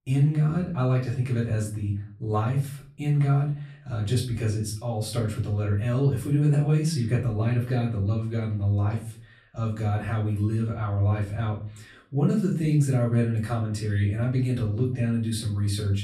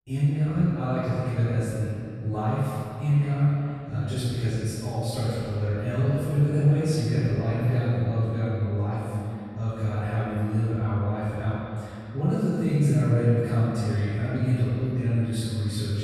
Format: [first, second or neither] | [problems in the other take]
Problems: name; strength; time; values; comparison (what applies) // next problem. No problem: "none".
first | room echo; strong; dies away in 2.6 s; slight in the first // off-mic speech; far; far in the first